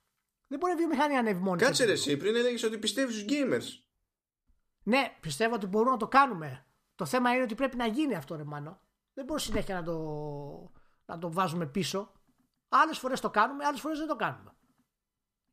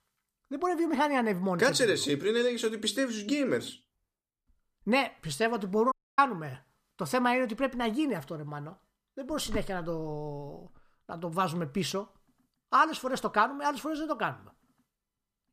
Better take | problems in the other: first | audio cutting out; at 6 s

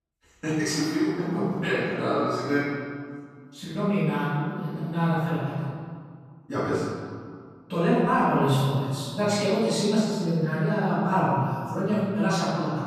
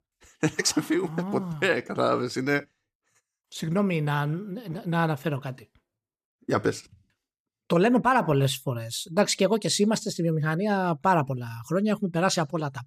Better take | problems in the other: second | off-mic speech; far // room echo; strong; dies away in 1.9 s

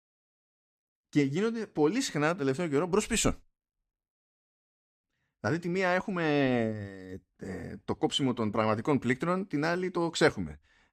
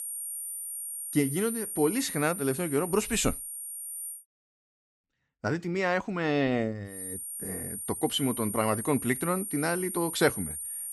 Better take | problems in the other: first | high-pitched whine; loud; until 4 s and from 7 s on; 9 kHz, 6 dB below the speech

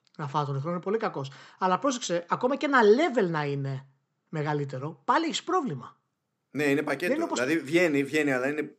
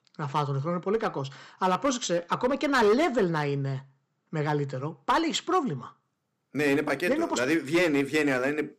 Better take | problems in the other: first | distortion; slight; 4% of the sound clipped

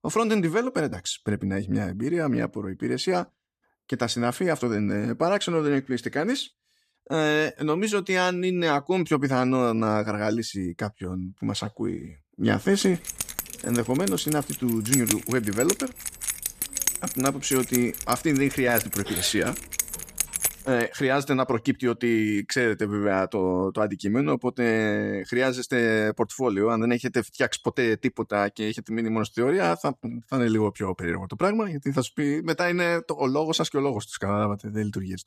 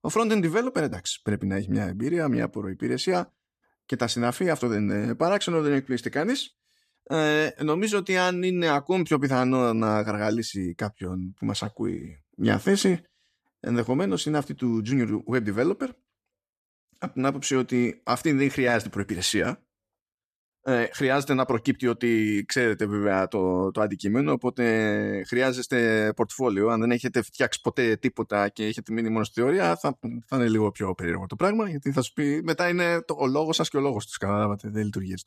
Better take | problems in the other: second | jangling keys; loud; from 13 to 21 s; peak 2 dB above the speech

